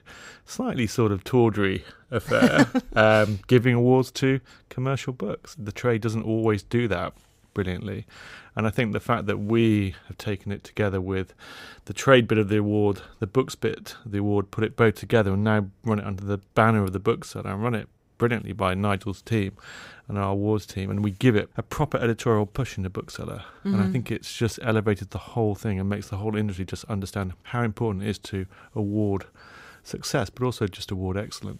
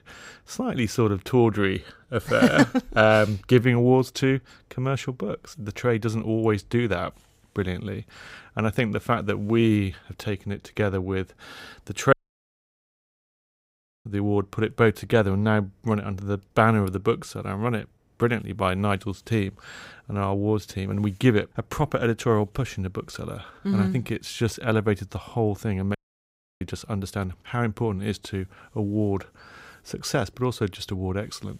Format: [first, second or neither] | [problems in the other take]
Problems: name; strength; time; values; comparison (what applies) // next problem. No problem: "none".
first | audio cutting out; at 12 s for 2 s and at 26 s for 0.5 s